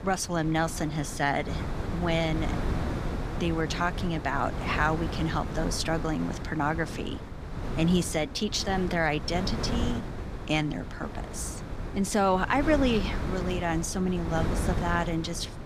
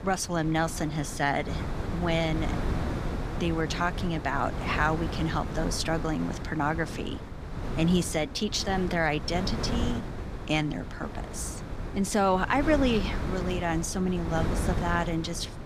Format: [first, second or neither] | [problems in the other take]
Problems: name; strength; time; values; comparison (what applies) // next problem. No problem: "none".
neither | wind noise on the microphone; heavy; 9 dB below the speech; the same in both